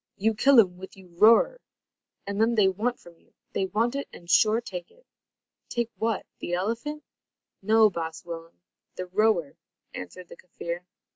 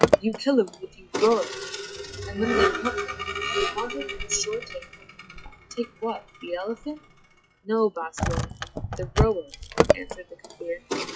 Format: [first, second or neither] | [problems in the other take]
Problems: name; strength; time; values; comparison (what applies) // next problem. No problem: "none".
first | noise reduction (classical method log-MMSE)